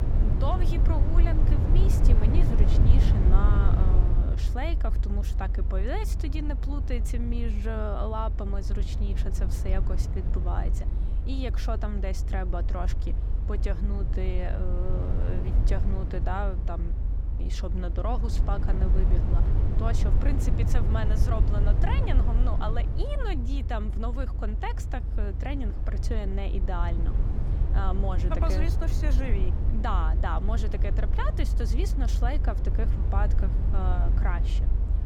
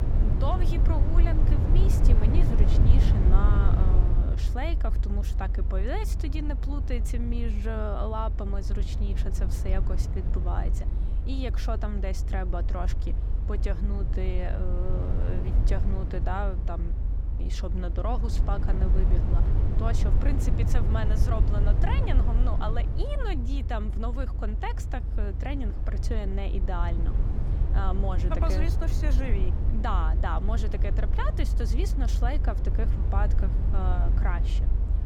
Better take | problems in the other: neither | low rumble; loud; throughout; 6 dB below the speech; the same in both

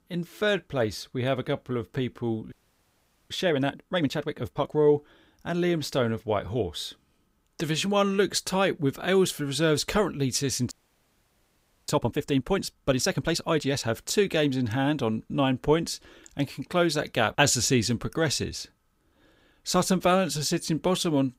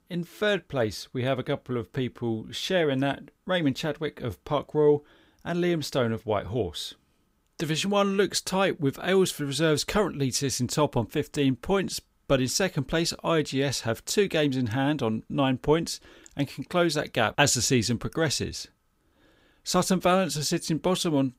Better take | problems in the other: second | audio freezing; at 2.5 s for 1 s and at 11 s for 1 s

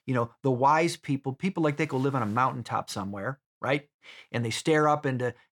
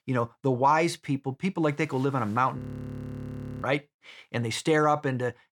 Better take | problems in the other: first | audio freezing; at 2.5 s for 1 s

